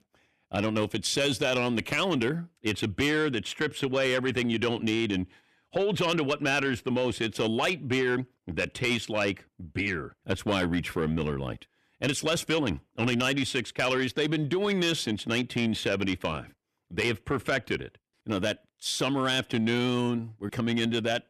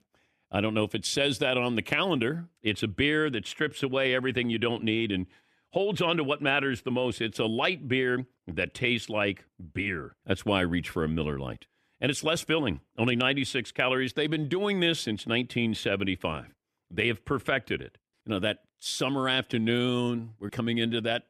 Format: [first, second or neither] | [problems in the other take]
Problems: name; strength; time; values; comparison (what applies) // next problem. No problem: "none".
second | distortion; slight; 10 dB below the speech